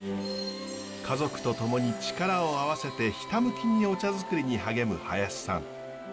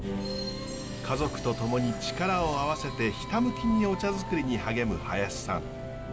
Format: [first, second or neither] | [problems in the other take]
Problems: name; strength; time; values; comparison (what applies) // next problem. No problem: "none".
first | background sound (Engine); 10 dB below the speech